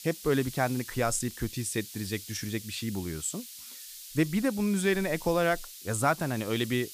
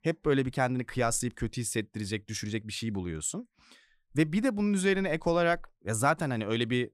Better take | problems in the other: second | hiss; noticeable; throughout; 15 dB below the speech

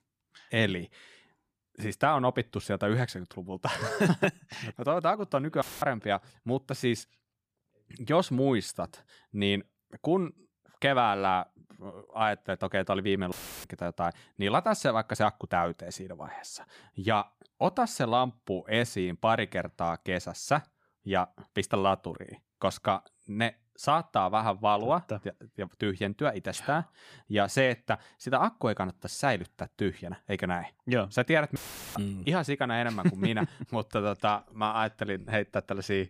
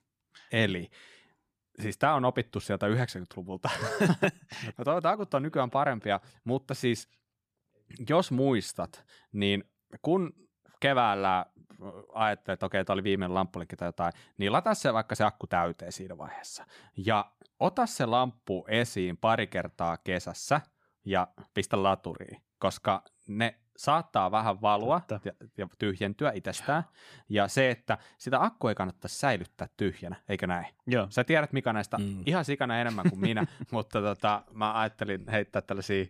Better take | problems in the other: second | audio cutting out; filled with static; at 5.5 s, at 13 s and at 32 s

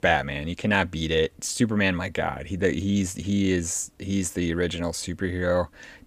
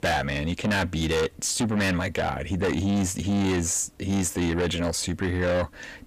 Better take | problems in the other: first | distortion; heavy; 7 dB below the speech

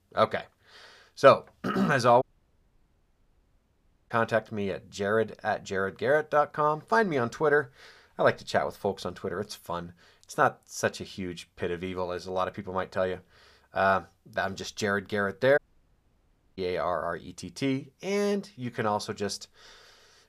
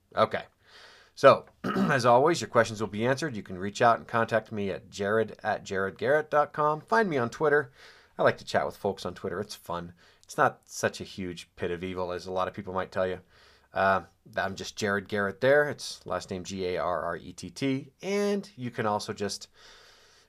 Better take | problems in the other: second | audio cutting out; at 2 s for 2 s and at 16 s for 1 s

